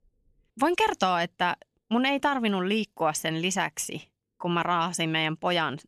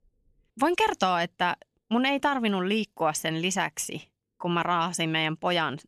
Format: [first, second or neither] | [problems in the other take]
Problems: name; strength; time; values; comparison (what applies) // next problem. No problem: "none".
neither | none